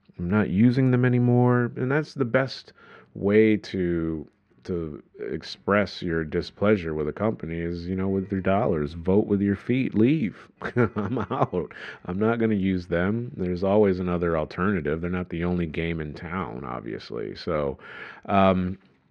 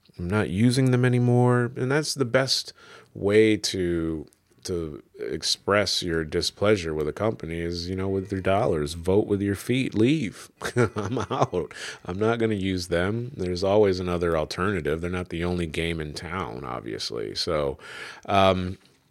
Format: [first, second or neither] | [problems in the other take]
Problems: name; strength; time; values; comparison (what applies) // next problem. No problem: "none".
second | muffled; slightly; fading above 2 kHz